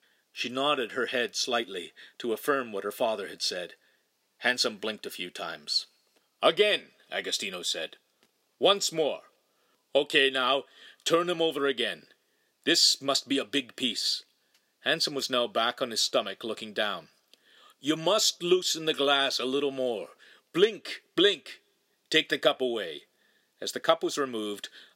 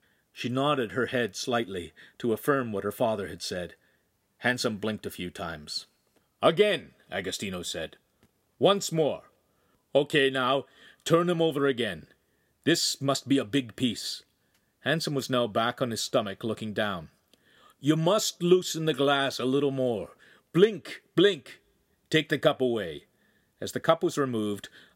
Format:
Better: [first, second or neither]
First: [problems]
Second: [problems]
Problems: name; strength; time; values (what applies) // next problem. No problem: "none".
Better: second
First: thin; very slightly; fading below 300 Hz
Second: none